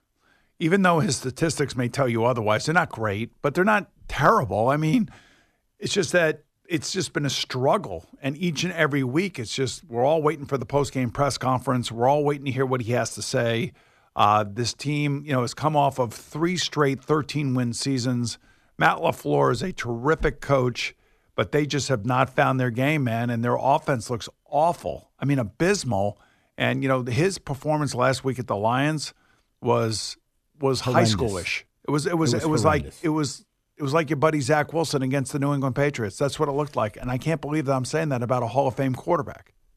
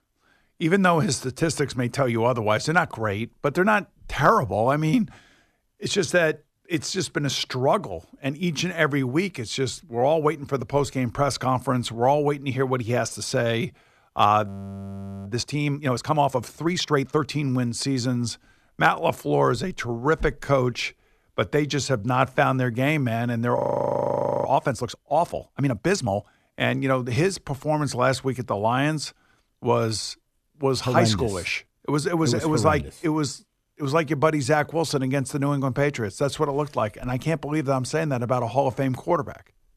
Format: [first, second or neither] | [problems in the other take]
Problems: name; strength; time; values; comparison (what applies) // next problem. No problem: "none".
first | audio freezing; at 14 s for 1 s and at 24 s for 1 s